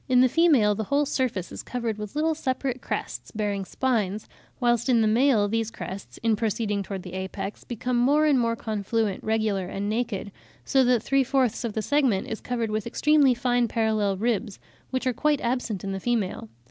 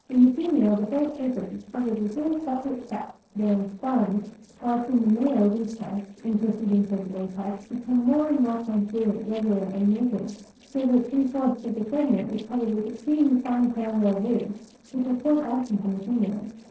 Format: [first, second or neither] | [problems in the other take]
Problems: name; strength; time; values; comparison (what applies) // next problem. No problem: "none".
first | noise reduction (neural separator model SepFormer DNS4)